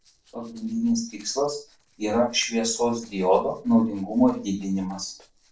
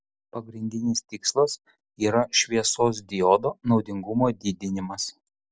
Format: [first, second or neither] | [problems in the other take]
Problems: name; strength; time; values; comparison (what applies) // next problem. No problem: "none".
second | noise reduction (neural separator model SepFormer DNS4)